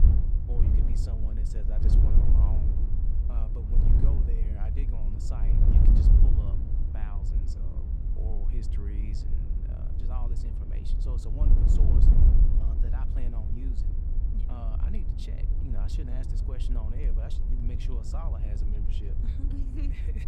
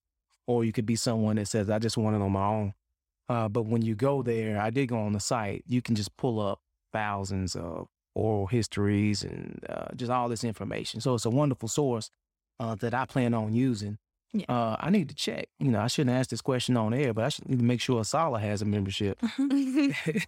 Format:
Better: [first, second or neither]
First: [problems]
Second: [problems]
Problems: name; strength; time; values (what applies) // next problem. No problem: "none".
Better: second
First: wind noise on the microphone; heavy; 3 dB above the speech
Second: none